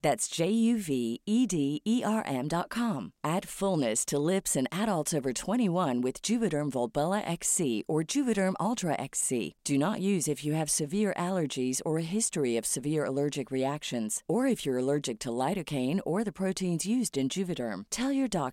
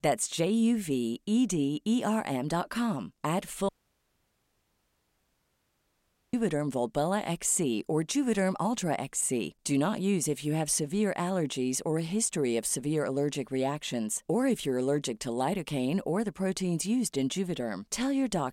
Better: first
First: none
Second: audio cutting out; at 3.5 s for 2.5 s

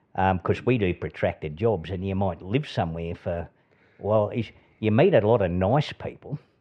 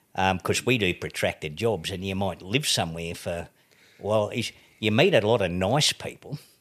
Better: second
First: muffled; very; fading above 1.5 kHz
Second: none

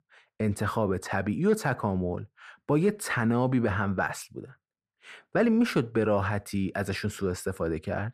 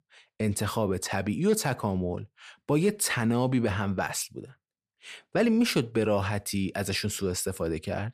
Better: second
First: muffled; slightly; fading above 2.5 kHz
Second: none

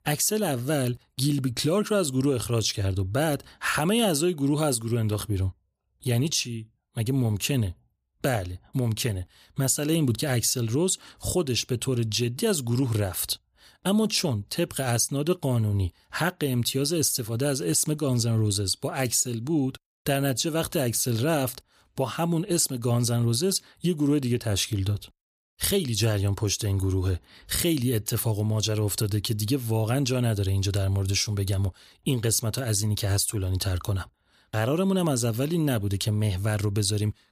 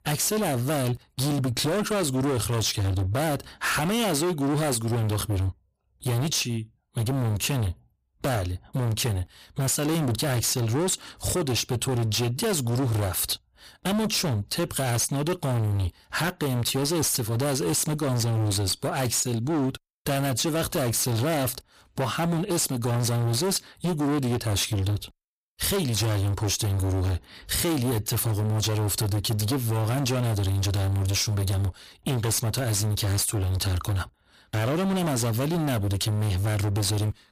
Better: first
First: none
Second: distortion; heavy; 34% of the sound clipped

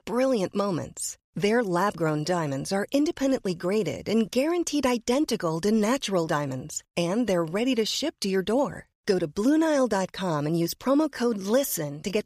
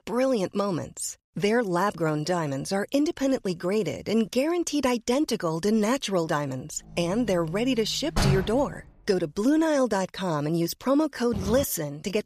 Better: first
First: none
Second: door banging; loud; at 8 s; peak level with the speech // footsteps; noticeable; at 11 s; peak 9 dB below the speech

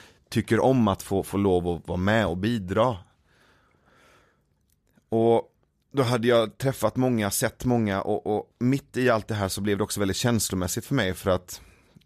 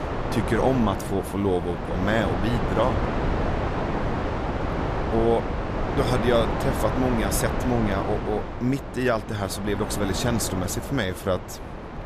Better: first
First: none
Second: wind noise on the microphone; heavy; 3 dB below the speech

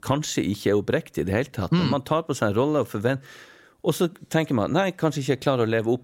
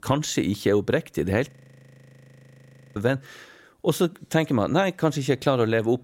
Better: first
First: none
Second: audio freezing; at 1.5 s for 1.5 s

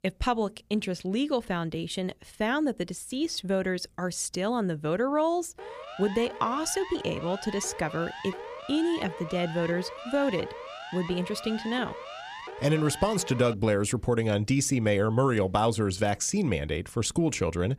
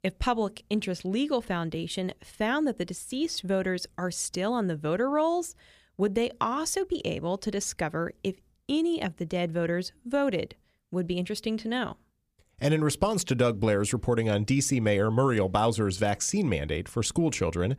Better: second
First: siren; faint; from 5.5 to 14 s; peak 10 dB below the speech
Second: none

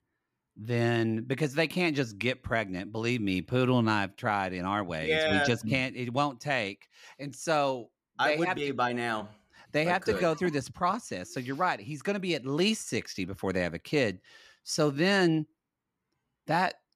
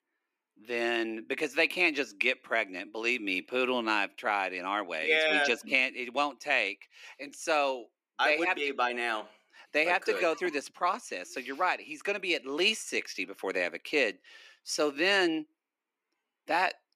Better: first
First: none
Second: thin; somewhat; fading below 300 Hz

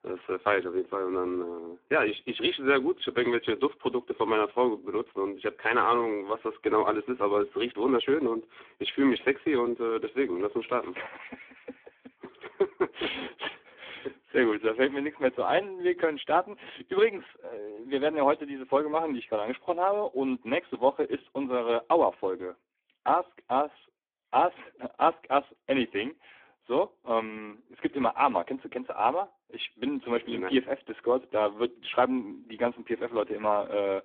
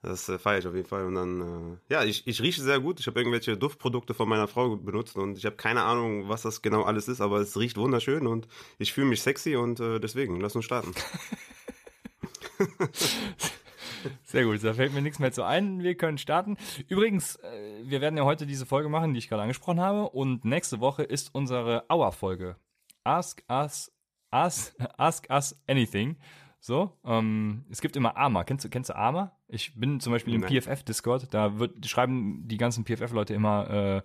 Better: second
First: phone-call audio; poor line; nothing above 3.5 kHz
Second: none

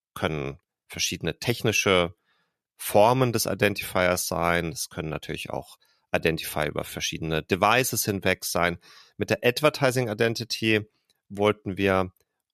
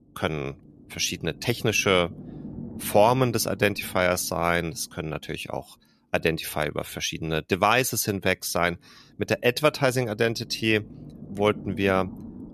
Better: first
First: none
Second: low rumble; faint; throughout; 25 dB below the speech

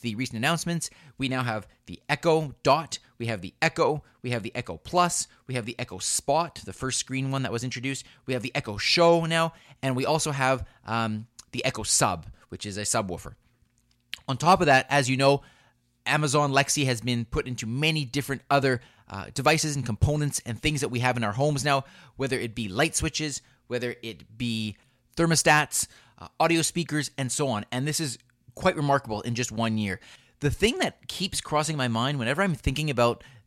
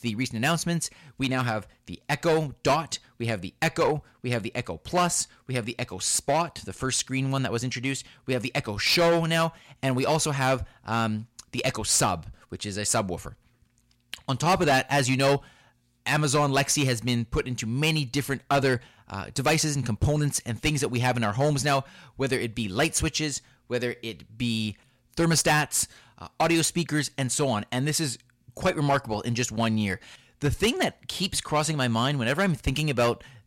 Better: first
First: none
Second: distortion; slight; 4% of the sound clipped

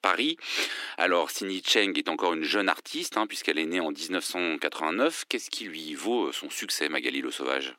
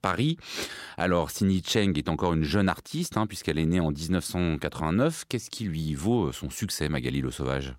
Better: second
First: thin; somewhat; fading below 300 Hz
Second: none

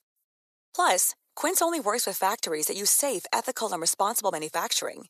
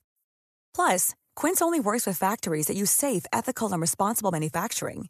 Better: second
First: thin; somewhat; fading below 450 Hz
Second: none

